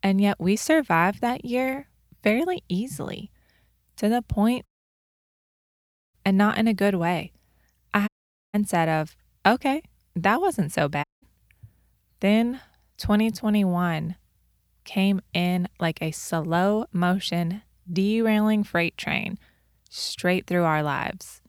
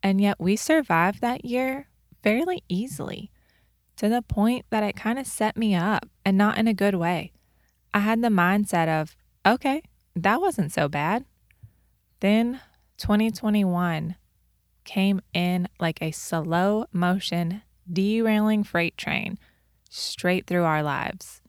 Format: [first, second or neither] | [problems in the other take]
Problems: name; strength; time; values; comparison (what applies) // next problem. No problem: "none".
second | audio cutting out; at 4.5 s for 1.5 s, at 8 s and at 11 s